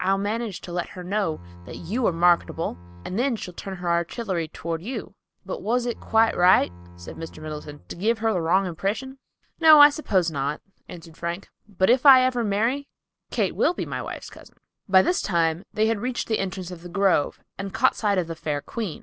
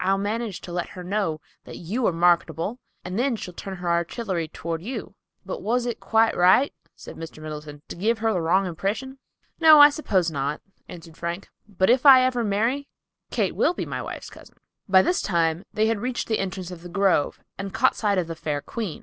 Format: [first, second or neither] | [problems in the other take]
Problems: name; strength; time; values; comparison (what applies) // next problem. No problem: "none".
second | background sound (Bowed string instrument); 18 dB below the speech